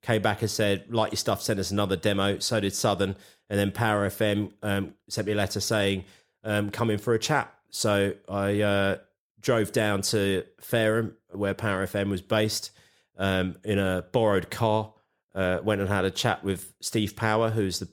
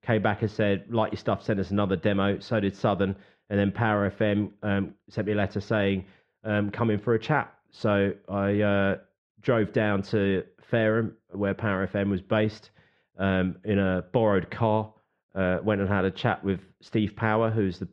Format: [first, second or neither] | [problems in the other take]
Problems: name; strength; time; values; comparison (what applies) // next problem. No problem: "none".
first | muffled; very; fading above 2.5 kHz